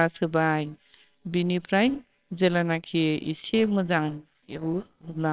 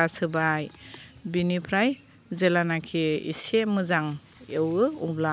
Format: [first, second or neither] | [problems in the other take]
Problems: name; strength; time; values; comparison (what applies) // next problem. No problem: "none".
second | noise reduction (neural separator model SepFormer WHAMR!)